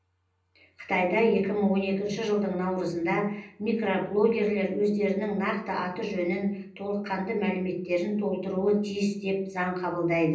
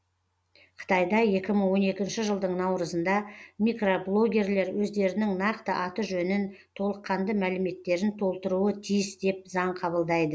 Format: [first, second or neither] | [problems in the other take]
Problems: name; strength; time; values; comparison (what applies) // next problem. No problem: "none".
second | room echo; dies away in 0.6 s